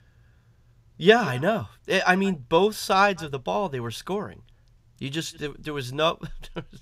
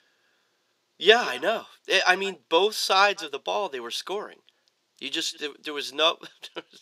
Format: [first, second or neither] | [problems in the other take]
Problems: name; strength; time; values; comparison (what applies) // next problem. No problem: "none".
first | thin; somewhat; fading below 300 Hz